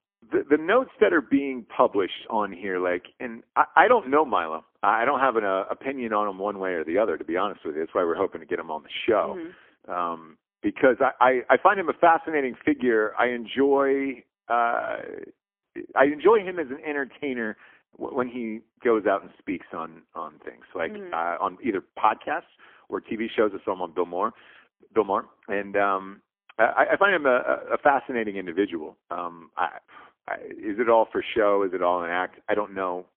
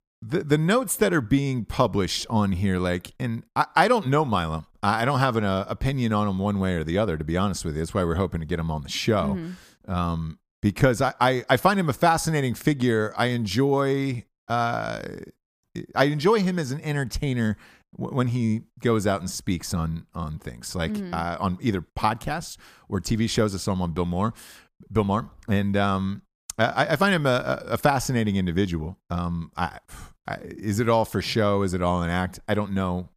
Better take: second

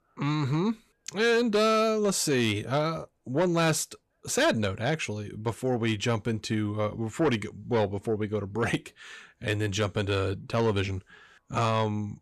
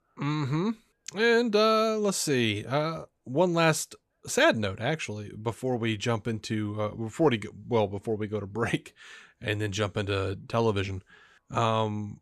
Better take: second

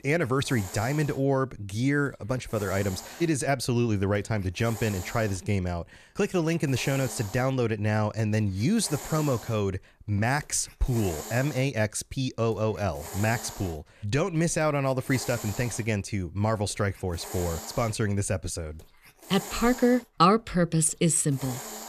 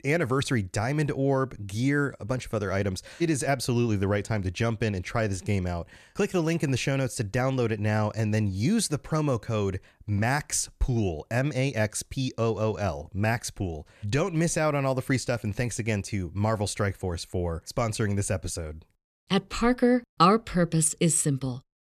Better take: second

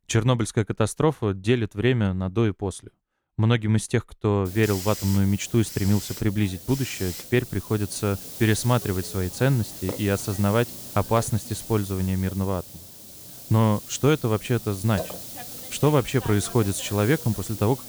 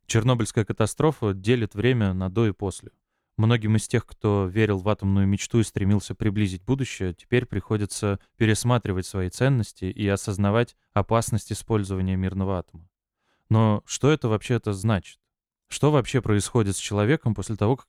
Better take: second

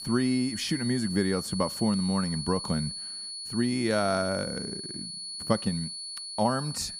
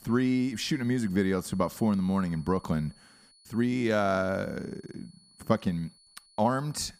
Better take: second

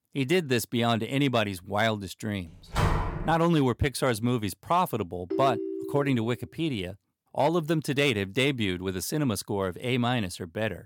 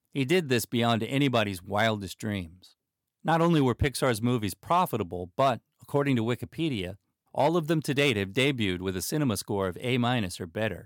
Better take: second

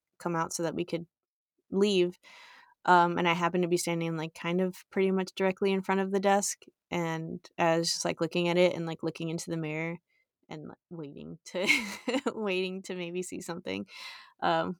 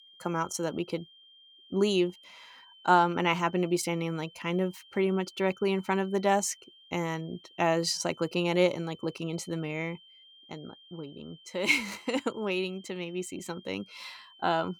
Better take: first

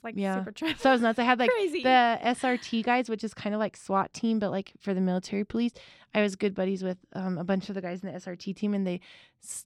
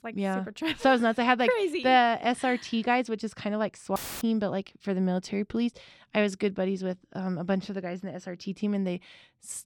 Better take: first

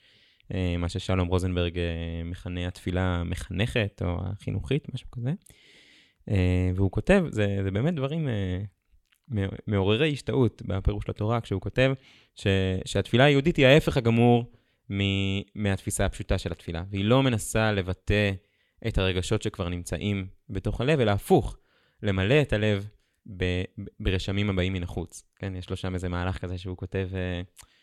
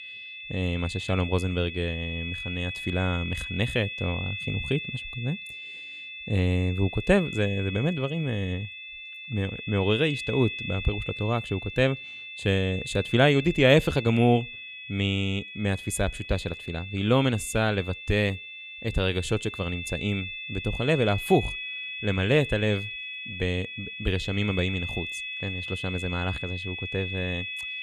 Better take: first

